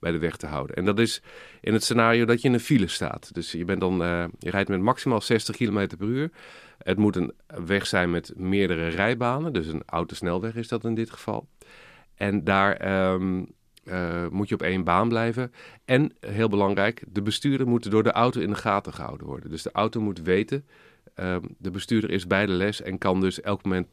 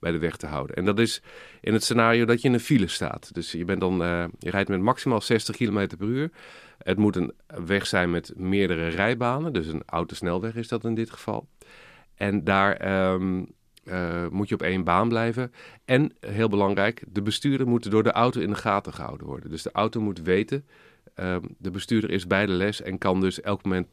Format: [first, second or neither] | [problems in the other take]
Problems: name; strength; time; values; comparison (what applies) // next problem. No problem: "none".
neither | none